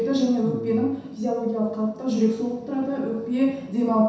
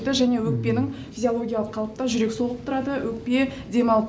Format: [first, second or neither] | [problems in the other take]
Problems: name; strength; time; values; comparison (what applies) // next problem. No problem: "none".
second | room echo; dies away in 0.7 s